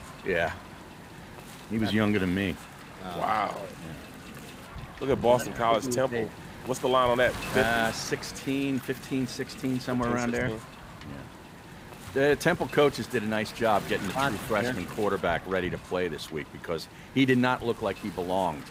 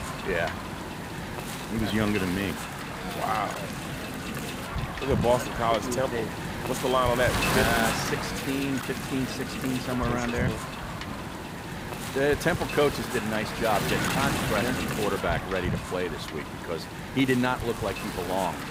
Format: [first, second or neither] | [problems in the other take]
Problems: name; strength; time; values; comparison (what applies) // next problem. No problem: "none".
first | wind noise on the microphone; heavy; 4 dB below the speech; occasional gusts in the first